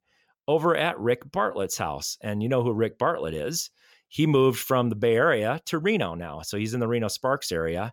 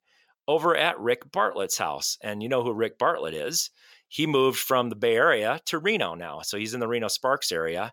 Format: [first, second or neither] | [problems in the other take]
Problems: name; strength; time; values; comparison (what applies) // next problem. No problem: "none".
first | thin; very slightly; fading below 1 kHz